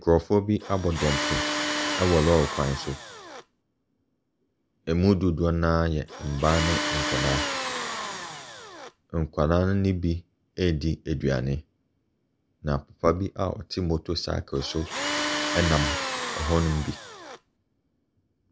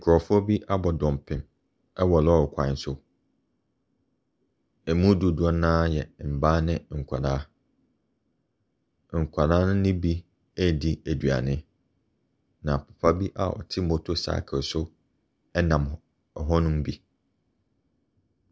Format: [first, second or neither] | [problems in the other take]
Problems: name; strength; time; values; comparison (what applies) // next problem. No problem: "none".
second | background sound (Tools); 4 dB below the speech